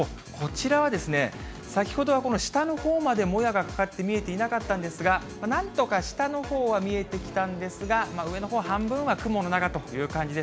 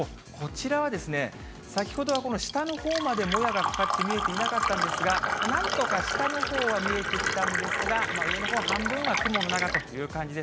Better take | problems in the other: first | background sound (Fill (with liquid)); as loud as the speech

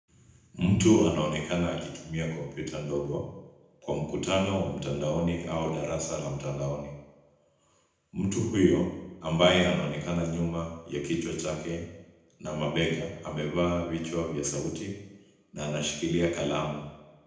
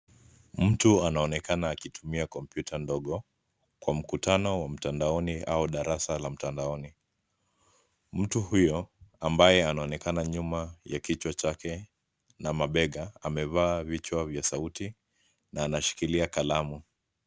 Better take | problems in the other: second | room echo; dies away in 0.9 s

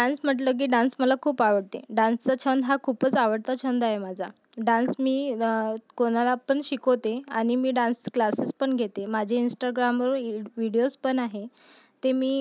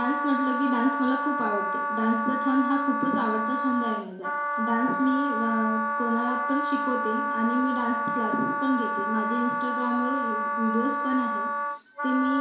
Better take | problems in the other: first | background sound (Wind instrument, woodwind instrument); as loud as the speech // room echo; dies away in 0.7 s

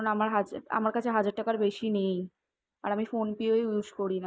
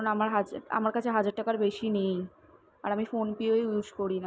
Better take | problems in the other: second | noise reduction (neural mask model Resemble Enhance denoiser)

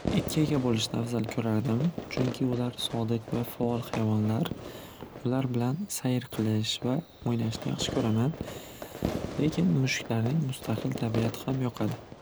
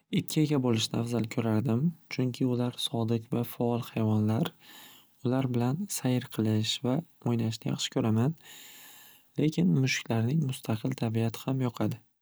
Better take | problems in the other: second | background sound (Fireworks); 9 dB below the speech

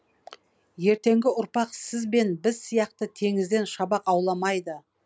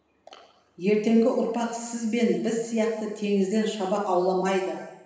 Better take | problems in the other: first | room echo; dies away in 1.1 s

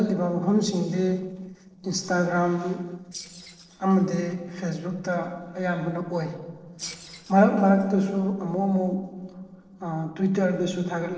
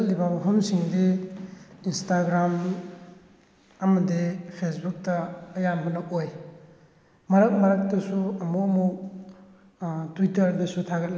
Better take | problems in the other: second | noise reduction (neural separator model SepFormer DNS4)

